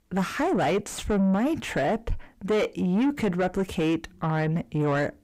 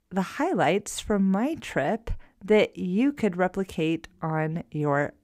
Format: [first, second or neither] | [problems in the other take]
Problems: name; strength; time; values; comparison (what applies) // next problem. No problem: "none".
second | distortion; heavy; 7 dB below the speech